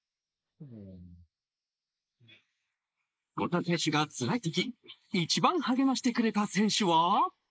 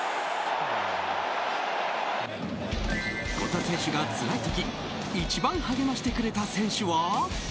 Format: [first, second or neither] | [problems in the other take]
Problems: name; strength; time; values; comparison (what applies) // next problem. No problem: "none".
second | noise reduction (neural mask model Resemble Enhance denoiser)